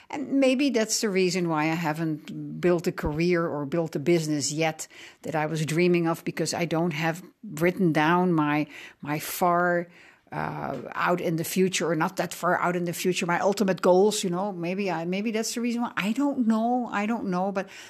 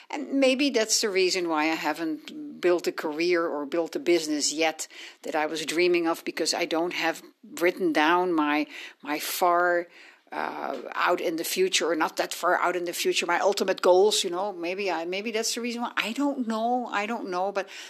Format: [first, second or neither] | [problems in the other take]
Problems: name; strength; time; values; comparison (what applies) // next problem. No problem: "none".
first | thin; very slightly; fading below 250 Hz